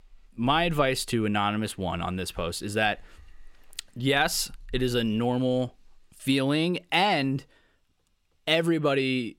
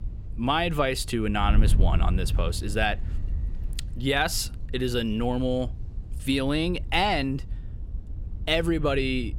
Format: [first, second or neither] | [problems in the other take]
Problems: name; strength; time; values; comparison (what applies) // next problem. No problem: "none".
first | wind noise on the microphone; occasional gusts; 20 dB below the speech